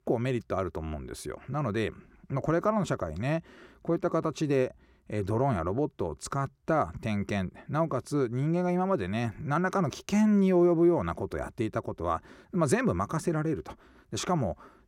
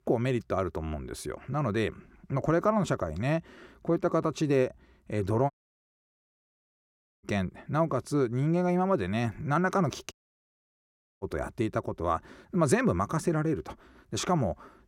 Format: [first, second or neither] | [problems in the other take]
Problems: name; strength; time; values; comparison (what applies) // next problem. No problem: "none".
first | audio cutting out; at 5.5 s for 1.5 s and at 10 s for 1 s